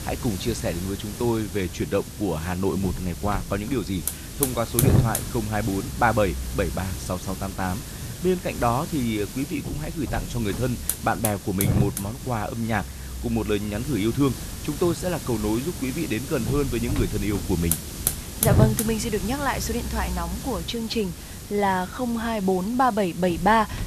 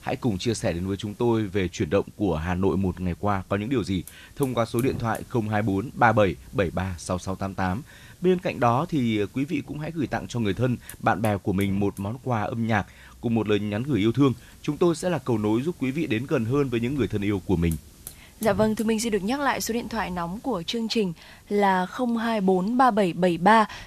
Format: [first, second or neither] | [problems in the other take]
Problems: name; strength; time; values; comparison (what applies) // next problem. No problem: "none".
second | hiss; loud; throughout; 4 dB below the speech; faint in the second